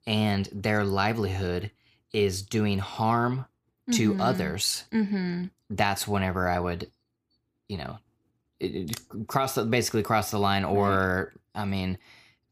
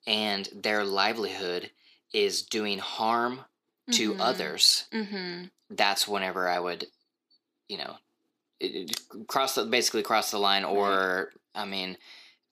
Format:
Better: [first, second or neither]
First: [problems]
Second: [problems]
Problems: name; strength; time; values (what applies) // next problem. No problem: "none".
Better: first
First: none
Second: thin; somewhat; fading below 300 Hz